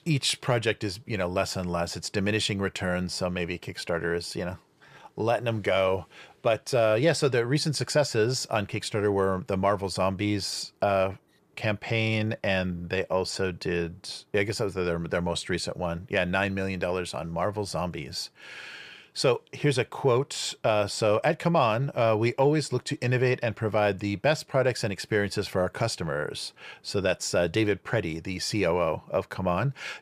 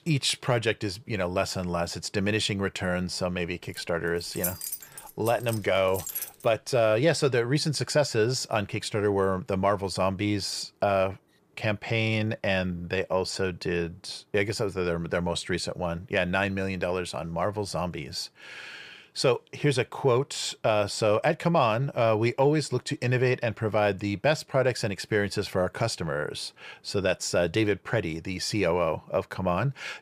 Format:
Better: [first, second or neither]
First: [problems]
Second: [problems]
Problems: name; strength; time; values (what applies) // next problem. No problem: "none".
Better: first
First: none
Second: jangling keys; noticeable; from 4 to 6.5 s; peak 3 dB below the speech